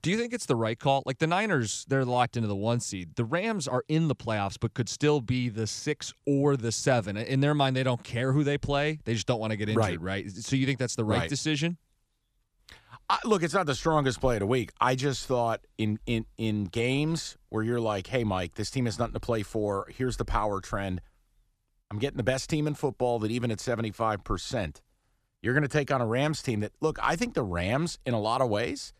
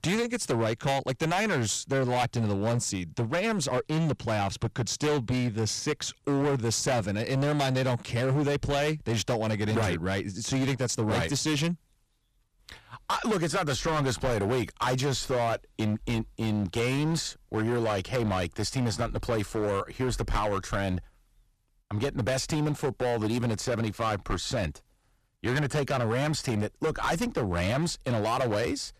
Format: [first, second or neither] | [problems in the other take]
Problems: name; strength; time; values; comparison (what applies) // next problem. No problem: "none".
first | distortion; heavy; 18% of the sound clipped